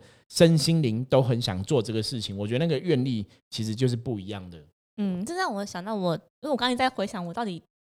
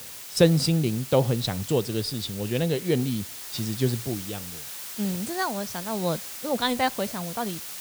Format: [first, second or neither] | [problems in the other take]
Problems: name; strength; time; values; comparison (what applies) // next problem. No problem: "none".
first | hiss; loud; throughout; 9 dB below the speech